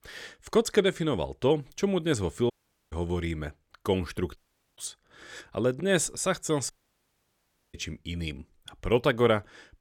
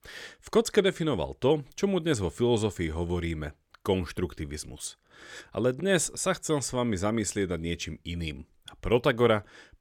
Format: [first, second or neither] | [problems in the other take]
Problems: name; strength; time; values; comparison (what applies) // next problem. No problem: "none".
second | audio cutting out; at 2.5 s, at 4.5 s and at 6.5 s for 1 s